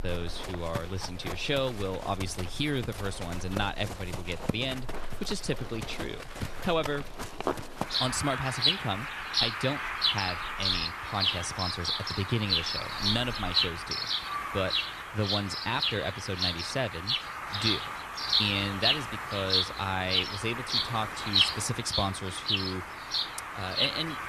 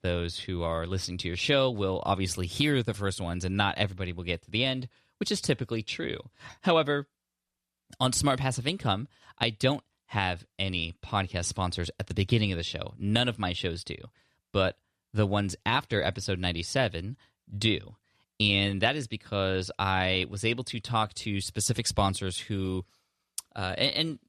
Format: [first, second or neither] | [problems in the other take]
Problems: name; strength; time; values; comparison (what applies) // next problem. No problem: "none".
second | animal sounds; very loud; throughout; 3 dB above the speech